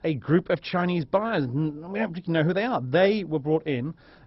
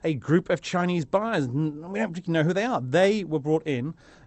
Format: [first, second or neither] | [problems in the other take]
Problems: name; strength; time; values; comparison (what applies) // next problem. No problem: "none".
second | garbled, watery; badly; nothing above 5.5 kHz; slightly in the second